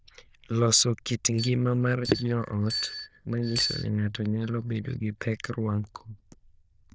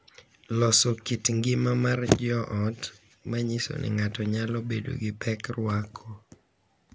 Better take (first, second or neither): second